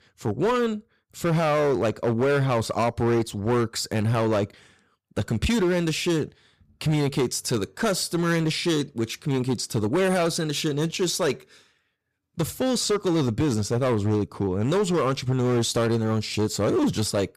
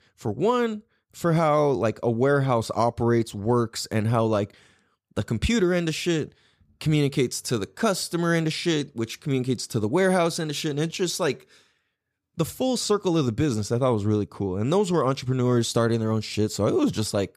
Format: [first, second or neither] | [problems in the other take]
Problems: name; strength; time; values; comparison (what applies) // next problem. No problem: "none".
second | distortion; slight; 12% of the sound clipped